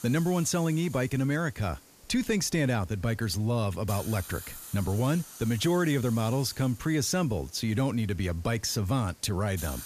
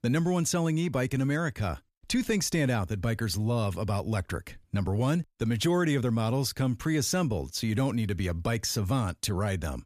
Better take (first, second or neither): second